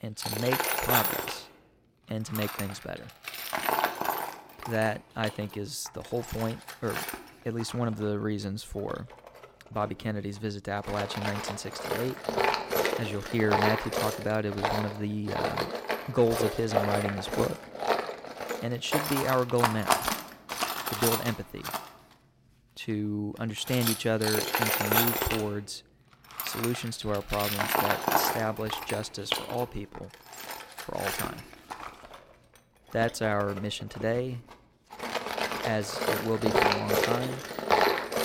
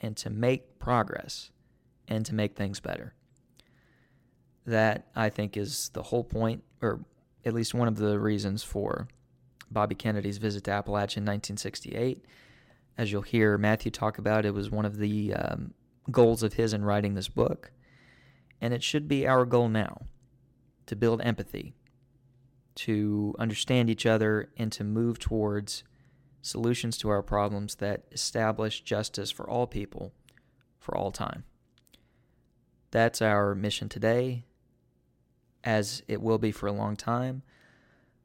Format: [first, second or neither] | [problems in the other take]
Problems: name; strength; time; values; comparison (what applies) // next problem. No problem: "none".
second | machinery noise; very loud; throughout; 2 dB above the speech